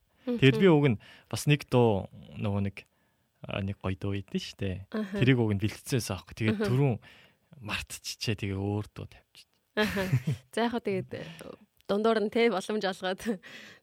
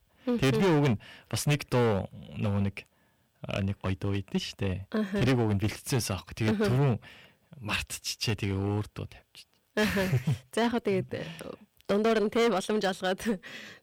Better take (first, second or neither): first